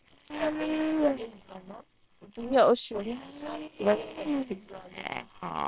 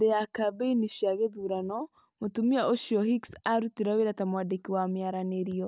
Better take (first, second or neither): second